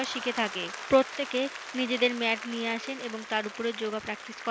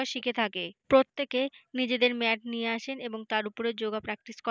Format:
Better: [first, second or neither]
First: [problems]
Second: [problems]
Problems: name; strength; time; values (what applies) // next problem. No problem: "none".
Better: second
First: background sound (Applause / Crowd); 11 dB below the speech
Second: none